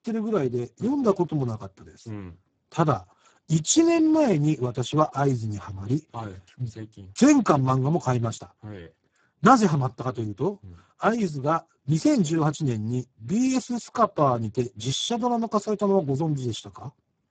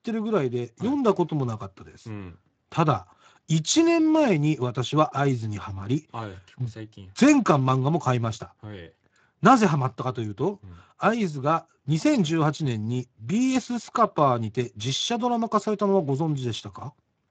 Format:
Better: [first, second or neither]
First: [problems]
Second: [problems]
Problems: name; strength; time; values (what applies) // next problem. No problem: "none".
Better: second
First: garbled, watery; badly; nothing above 7.5 kHz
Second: garbled, watery; slightly; nothing above 7.5 kHz